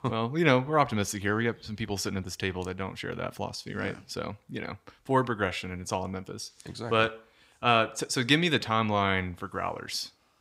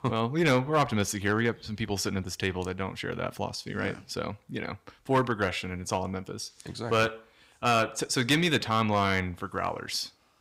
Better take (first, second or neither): first